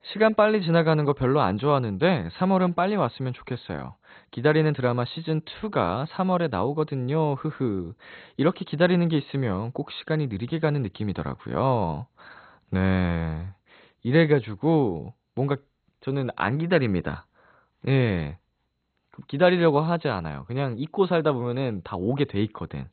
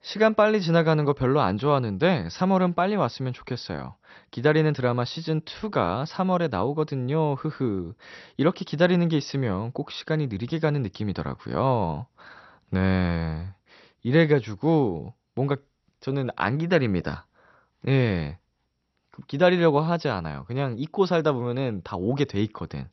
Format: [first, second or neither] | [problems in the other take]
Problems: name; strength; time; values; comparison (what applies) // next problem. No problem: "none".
second | garbled, watery; badly; nothing above 4 kHz; slightly in the second